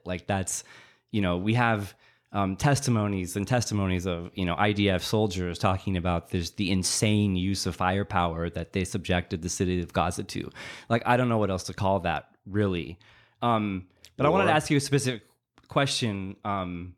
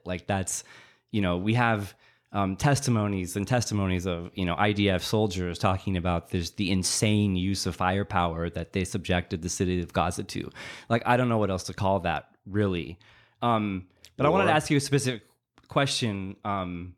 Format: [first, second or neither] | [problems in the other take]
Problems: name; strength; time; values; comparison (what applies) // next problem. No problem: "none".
neither | none